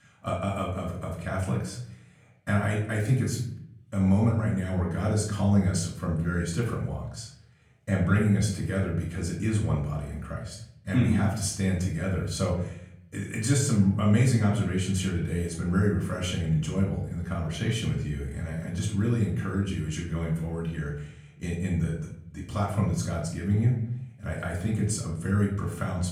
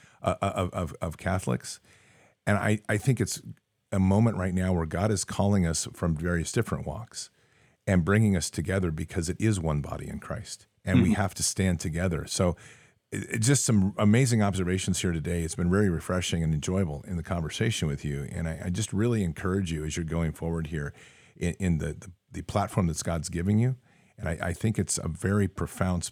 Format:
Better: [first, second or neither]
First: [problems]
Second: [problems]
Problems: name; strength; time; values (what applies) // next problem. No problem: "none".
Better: second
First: off-mic speech; far // room echo; slight; dies away in 0.7 s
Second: none